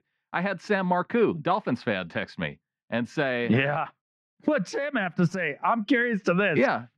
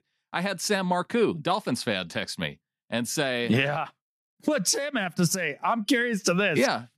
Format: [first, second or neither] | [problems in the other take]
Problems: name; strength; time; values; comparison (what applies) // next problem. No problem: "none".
second | muffled; very; fading above 2 kHz